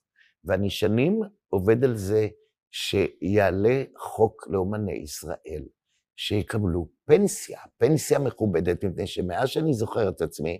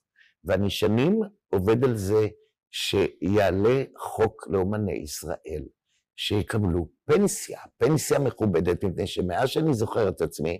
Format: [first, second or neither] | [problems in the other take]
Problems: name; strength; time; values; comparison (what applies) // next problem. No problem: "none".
first | distortion; slight; 4% of the sound clipped